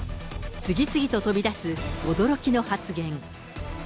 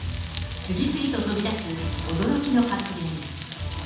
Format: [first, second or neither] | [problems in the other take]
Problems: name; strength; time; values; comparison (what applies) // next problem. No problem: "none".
first | background sound (Frying (food)); 15 dB below the speech // room echo; dies away in 1.1 s